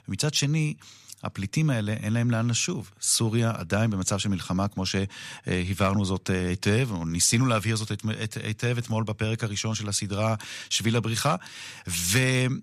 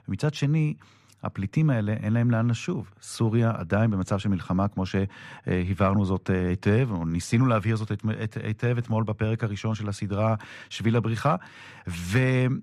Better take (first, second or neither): first